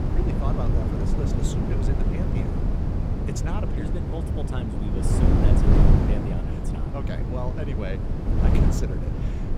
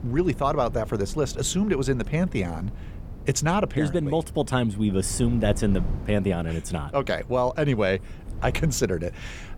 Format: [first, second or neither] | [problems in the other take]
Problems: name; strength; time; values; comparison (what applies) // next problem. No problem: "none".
second | wind noise on the microphone; heavy; 4 dB above the speech; occasional gusts in the second